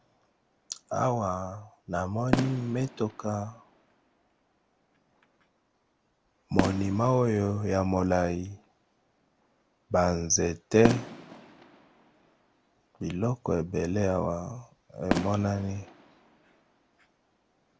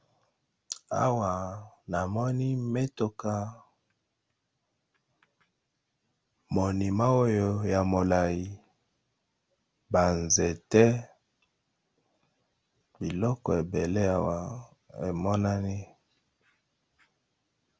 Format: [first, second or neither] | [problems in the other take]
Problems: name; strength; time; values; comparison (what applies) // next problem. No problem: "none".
second | background sound (Fireworks); 9 dB below the speech